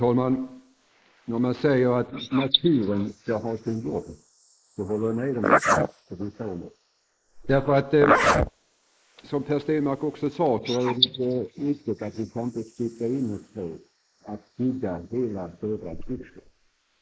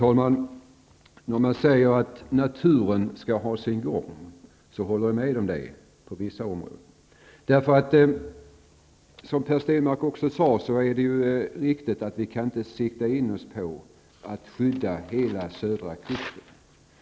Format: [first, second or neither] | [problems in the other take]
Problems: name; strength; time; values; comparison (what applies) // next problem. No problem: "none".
second | noise reduction (neural mask model Resemble Enhance denoiser)